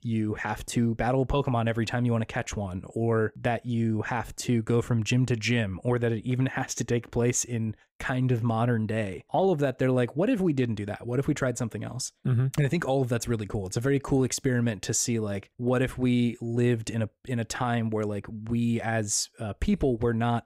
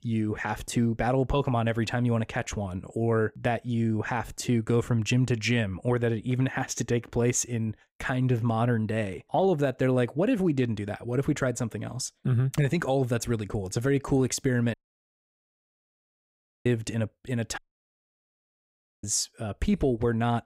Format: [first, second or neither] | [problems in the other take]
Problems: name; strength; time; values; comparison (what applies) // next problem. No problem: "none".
first | audio cutting out; at 15 s for 2 s and at 18 s for 1.5 s